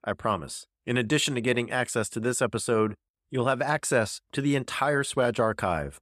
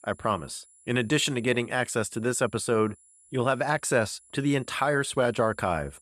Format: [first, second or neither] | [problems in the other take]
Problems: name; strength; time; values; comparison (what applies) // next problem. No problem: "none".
first | high-pitched whine; faint; throughout; 10.5 kHz, 30 dB below the speech